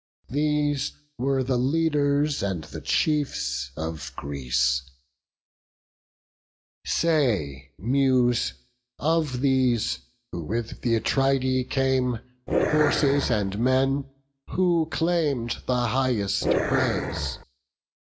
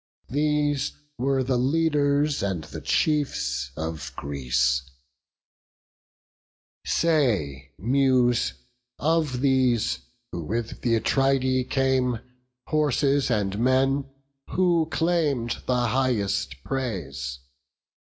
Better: second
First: background sound (Growling); 1 dB below the speech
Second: none

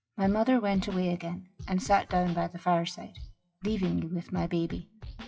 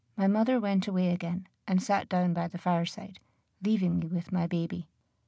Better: second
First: noise reduction (classical method WPE with log-MMSE)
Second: none

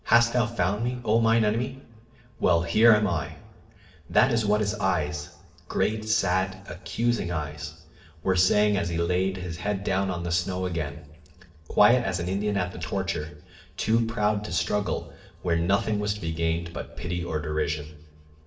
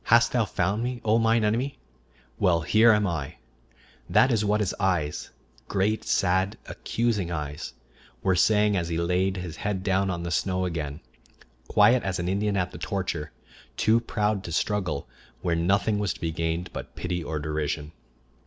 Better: second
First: room echo; dies away in 0.7 s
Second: none

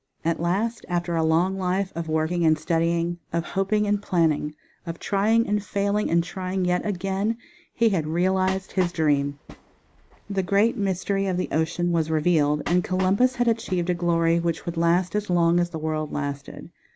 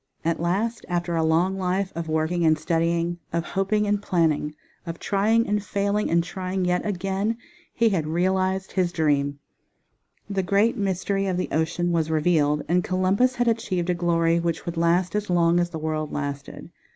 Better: second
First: background sound (Train); 16 dB below the speech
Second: none

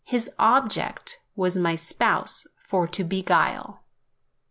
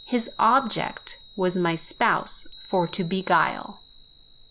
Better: first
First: none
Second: background sound (Chime); 20 dB below the speech

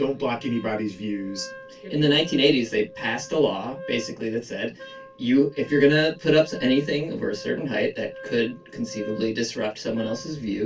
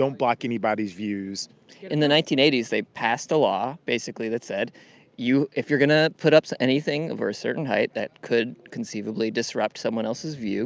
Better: second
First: background sound (Wind instrument, woodwind instrument); 18 dB below the speech // room echo; dies away in 0.2 s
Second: none

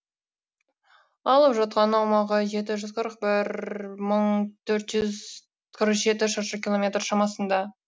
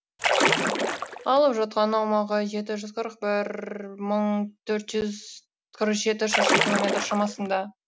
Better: first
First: none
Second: background sound (Splash, splatter); 2 dB above the speech

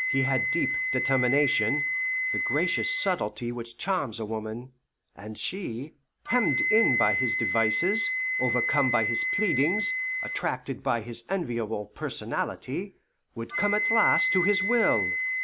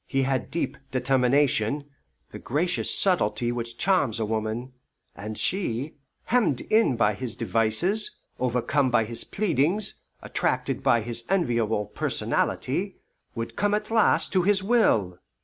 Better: second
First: background sound (Wind instrument, woodwind instrument); as loud as the speech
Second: none

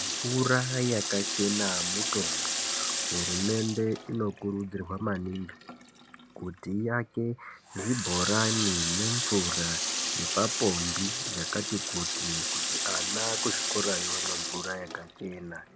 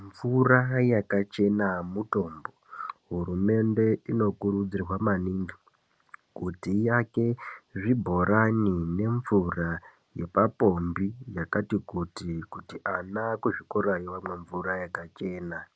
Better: second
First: background sound (Water tap, faucet); as loud as the speech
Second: none

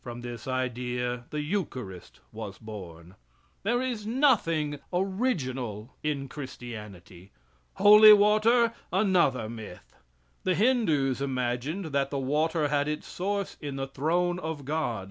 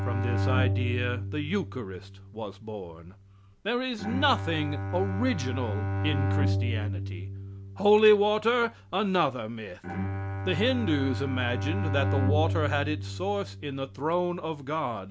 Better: first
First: none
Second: background sound (Bowed string instrument); 2 dB below the speech

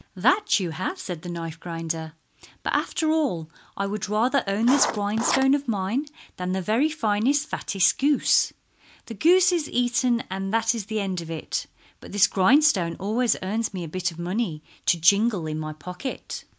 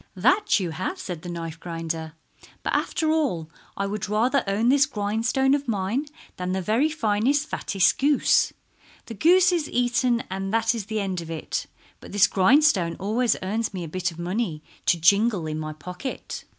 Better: second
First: background sound (Writing); 5 dB below the speech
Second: none

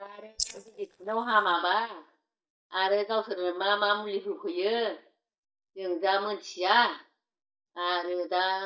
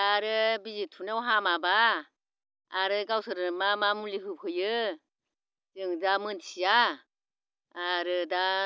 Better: second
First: noise reduction (neural mask model DeepFilterNet 3)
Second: none

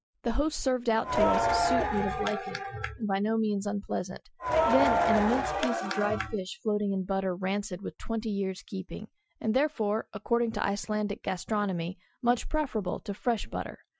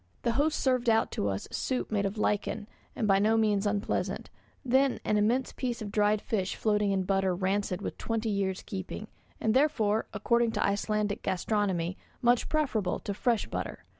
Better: second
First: noise reduction (classical method Wiener filter)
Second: none

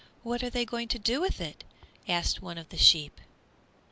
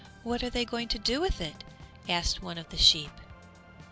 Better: first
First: none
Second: background sound (Organ); 19 dB below the speech

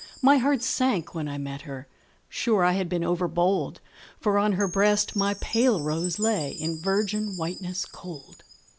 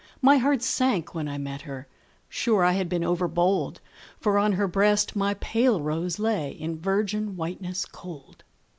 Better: second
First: background sound (Chime); 15 dB below the speech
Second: none

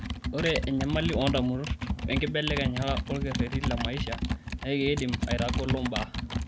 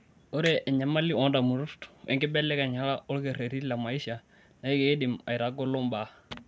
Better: second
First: background sound (Computer keyboard); 1 dB below the speech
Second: none

